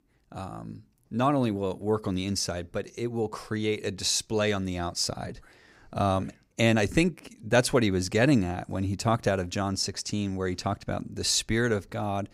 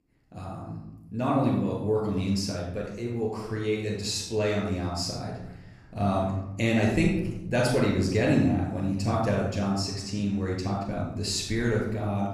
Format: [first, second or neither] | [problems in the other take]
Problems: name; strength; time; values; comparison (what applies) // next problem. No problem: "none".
first | off-mic speech; far // room echo; noticeable; dies away in 1.1 s